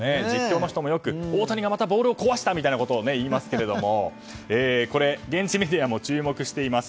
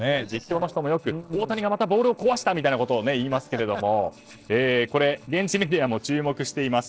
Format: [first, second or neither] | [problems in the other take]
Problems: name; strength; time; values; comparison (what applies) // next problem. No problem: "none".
first | noise reduction (neural separator model SepFormer DNS4)